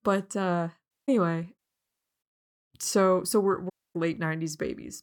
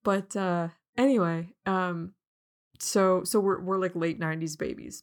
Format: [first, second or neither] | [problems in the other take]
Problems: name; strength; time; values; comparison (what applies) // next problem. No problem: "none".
second | audio cutting out; at 1 s, at 1.5 s for 0.5 s and at 3.5 s